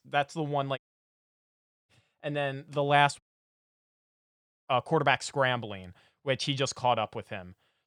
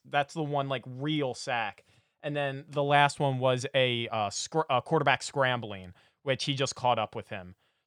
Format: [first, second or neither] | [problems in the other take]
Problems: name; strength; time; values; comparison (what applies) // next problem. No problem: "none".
second | audio cutting out; at 1 s for 1 s and at 3 s for 1.5 s